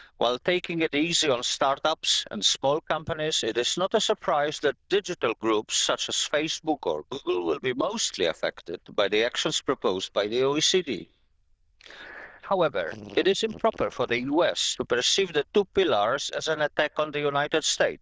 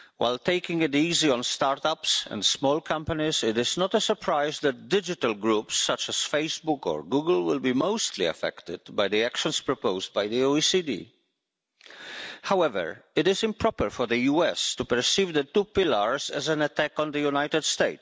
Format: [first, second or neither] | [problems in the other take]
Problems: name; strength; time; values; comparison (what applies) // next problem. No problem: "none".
second | noise reduction (neural diffusion model UNIVERSE++)